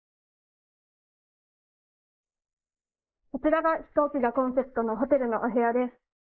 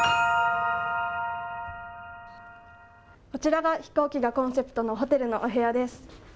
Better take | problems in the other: second | noise reduction (neural mask model Resemble Enhance denoiser)

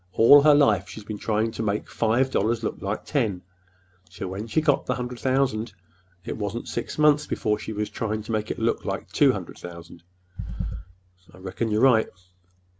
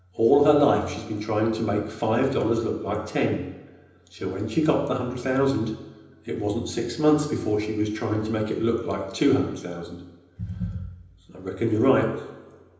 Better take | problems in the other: first | room echo; dies away in 0.9 s

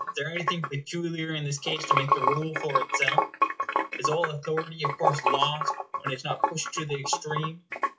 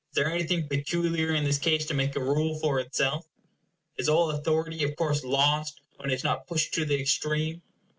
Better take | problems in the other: second | noise reduction (classical method log-MMSE)

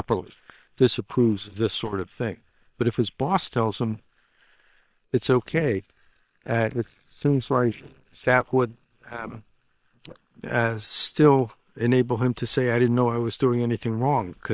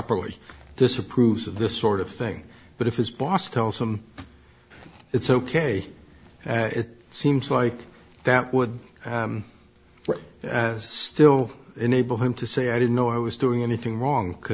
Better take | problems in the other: second | noise reduction (neural separator model SepFormer WHAM!)

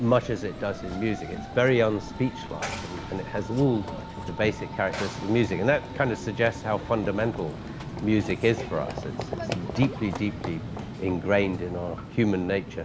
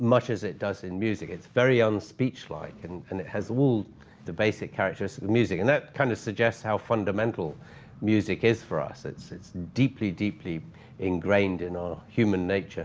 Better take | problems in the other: second | background sound (Run / Train); 9 dB below the speech

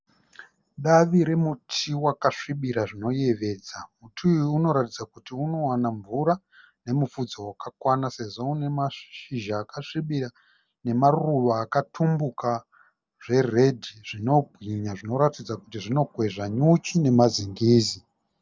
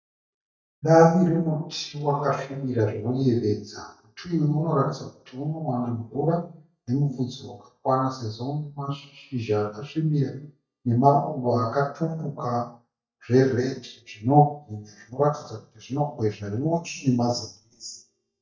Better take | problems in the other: first | noise reduction (neural mask model DeepFilterNet 3)

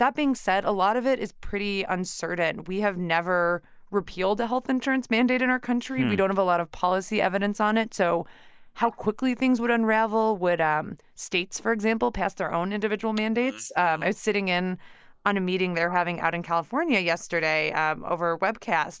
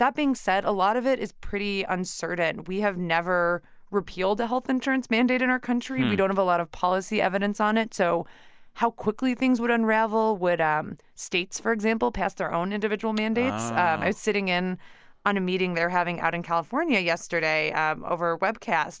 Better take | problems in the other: second | noise reduction (neural mask model Resemble Enhance denoiser)

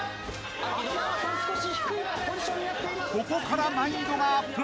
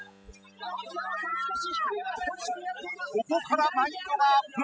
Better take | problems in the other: first | noise reduction (classical method spectral subtraction)

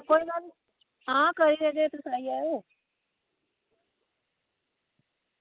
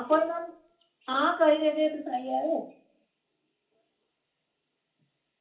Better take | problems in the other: first | room echo; dies away in 0.4 s

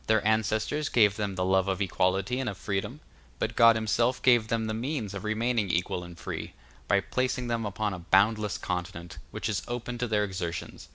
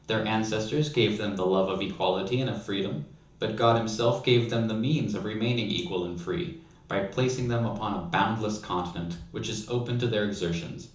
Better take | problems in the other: first | room echo; dies away in 0.7 s

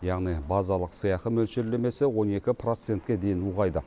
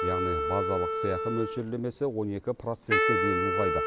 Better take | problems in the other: first | background sound (Wind instrument, woodwind instrument); 2 dB above the speech

